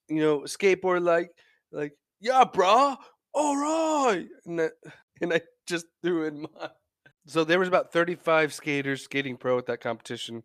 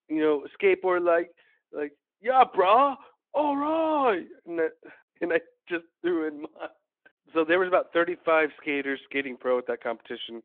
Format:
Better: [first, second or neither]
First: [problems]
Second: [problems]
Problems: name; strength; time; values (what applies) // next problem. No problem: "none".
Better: first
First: none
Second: phone-call audio